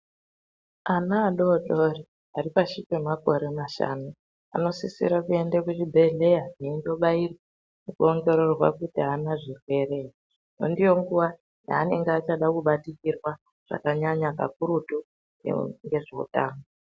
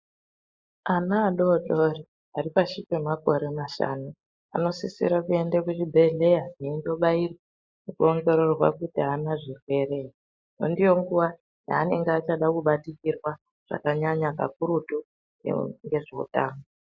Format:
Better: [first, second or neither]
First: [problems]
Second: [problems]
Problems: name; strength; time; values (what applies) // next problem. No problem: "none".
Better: first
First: none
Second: noise reduction (neural mask model Resemble Enhance denoiser)